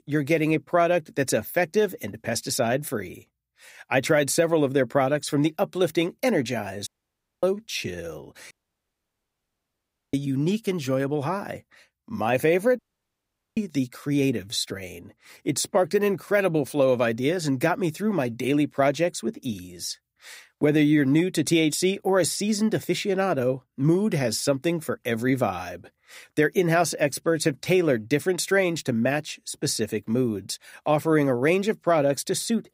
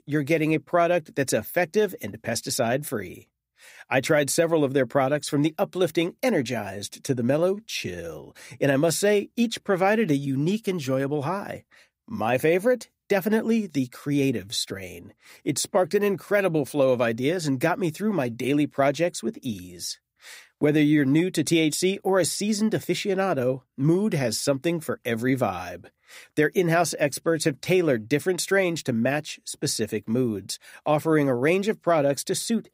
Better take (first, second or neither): second